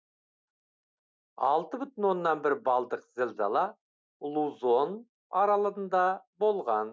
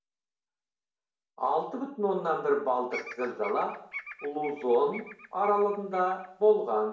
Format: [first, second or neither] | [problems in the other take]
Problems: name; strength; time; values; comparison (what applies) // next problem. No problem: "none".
first | background sound (Bird vocalization, bird call, bird song); 16 dB below the speech // room echo; dies away in 0.6 s